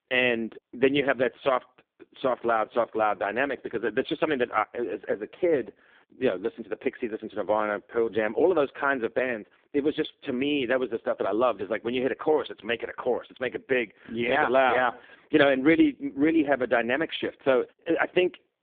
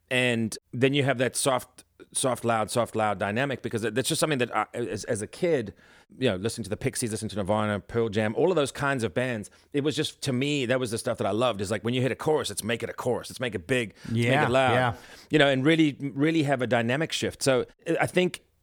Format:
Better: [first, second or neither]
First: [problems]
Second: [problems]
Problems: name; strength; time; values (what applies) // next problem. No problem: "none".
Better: second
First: phone-call audio; poor line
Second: none